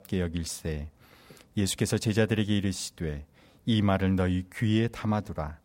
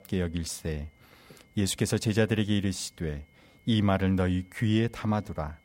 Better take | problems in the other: first | high-pitched whine; faint; throughout; 2 kHz, 35 dB below the speech

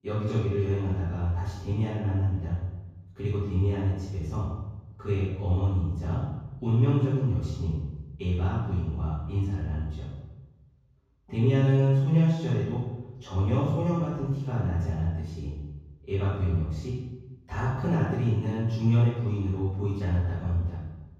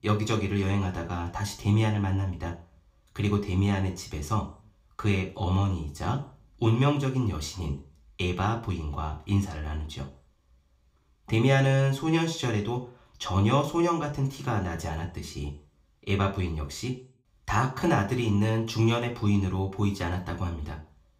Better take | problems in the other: second | room echo; strong; dies away in 1.4 s; slight in the second // off-mic speech; far; somewhat distant in the second

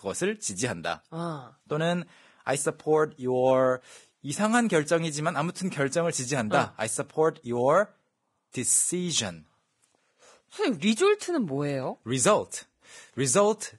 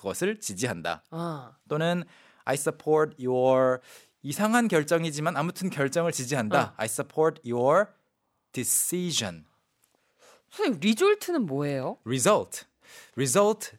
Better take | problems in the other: second | garbled, watery; badly; nothing above 10.5 kHz

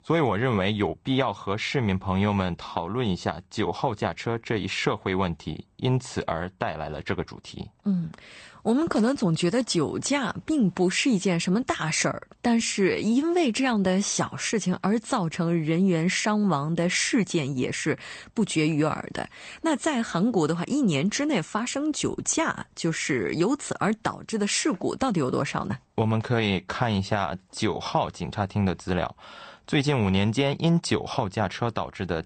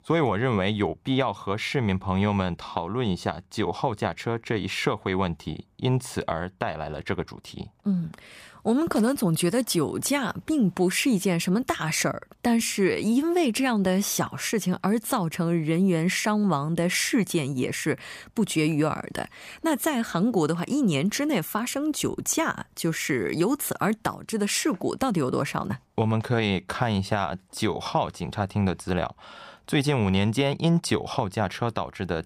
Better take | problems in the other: second | garbled, watery; slightly; nothing above 8.5 kHz

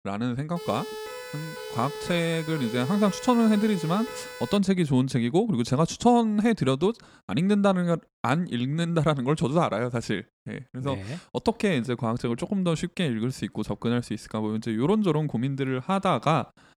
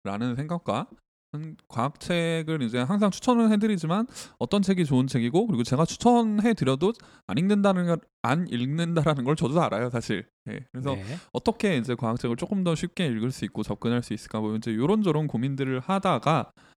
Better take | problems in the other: second | siren; faint; from 0.5 to 4.5 s; peak 10 dB below the speech

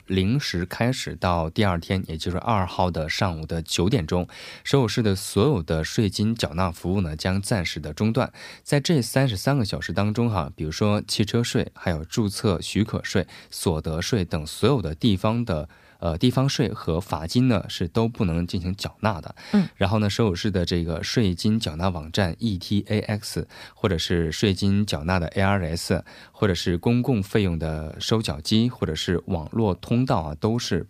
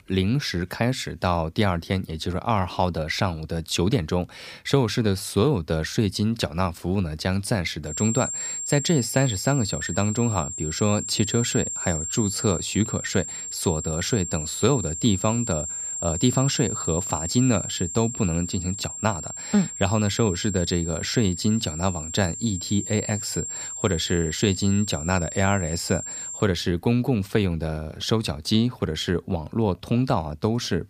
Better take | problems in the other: first | high-pitched whine; loud; from 8 to 26 s; 7.5 kHz, 5 dB below the speech

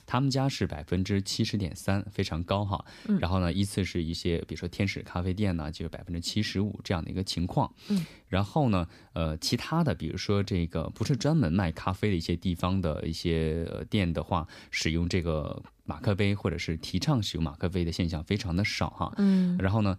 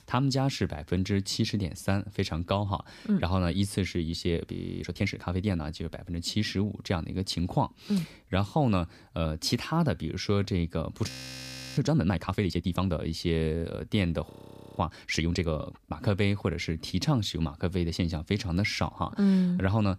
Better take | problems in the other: first | audio freezing; at 4.5 s, at 11 s for 0.5 s and at 14 s

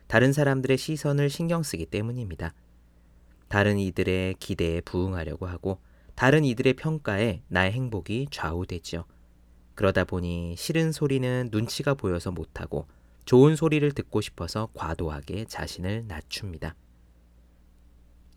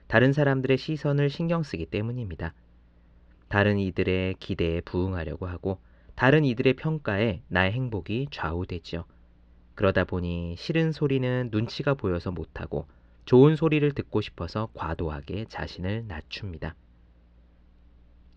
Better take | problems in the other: first | muffled; very slightly; fading above 4 kHz

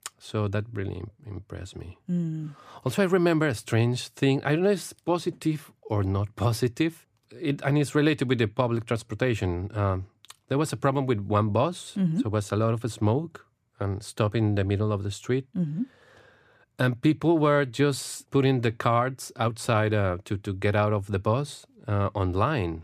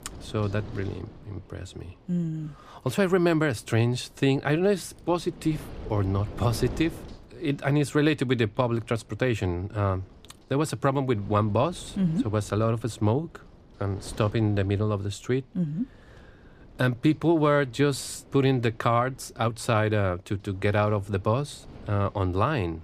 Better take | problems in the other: first | wind noise on the microphone; occasional gusts; 25 dB below the speech

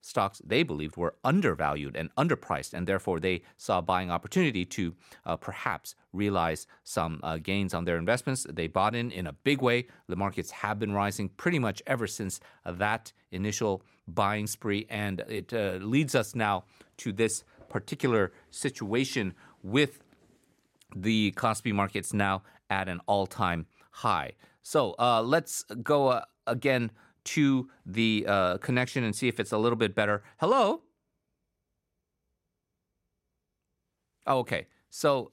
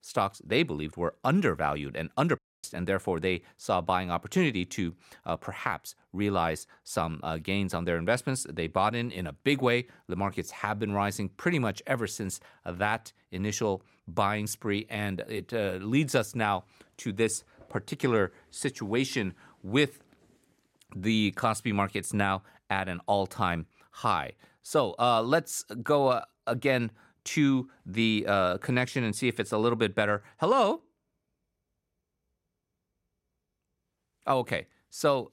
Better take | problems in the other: first | audio cutting out; at 2.5 s

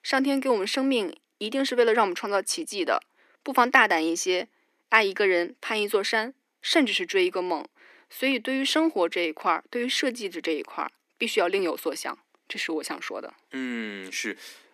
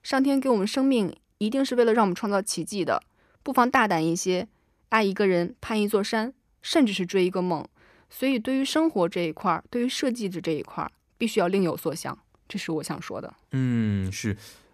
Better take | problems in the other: second | thin; very slightly; fading below 250 Hz

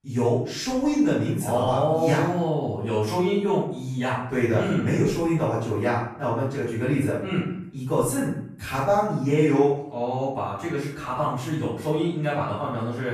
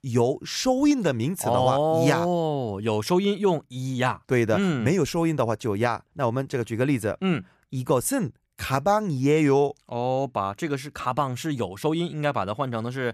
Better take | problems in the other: second | off-mic speech; far // room echo; noticeable; dies away in 0.6 s

